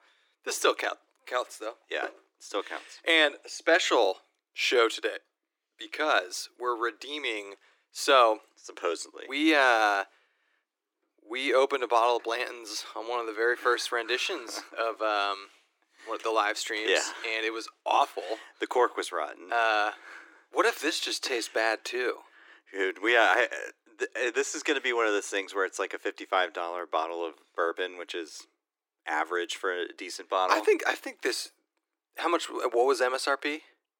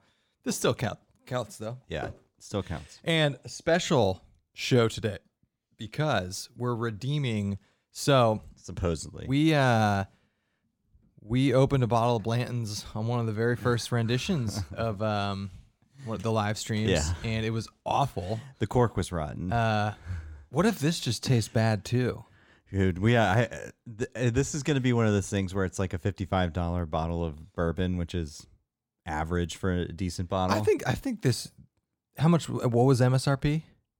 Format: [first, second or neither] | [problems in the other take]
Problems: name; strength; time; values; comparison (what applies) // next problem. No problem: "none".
second | thin; very; fading below 300 Hz